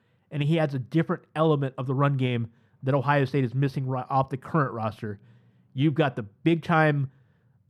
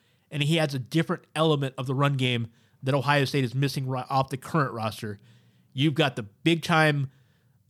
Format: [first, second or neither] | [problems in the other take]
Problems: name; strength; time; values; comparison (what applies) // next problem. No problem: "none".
second | muffled; slightly; fading above 3 kHz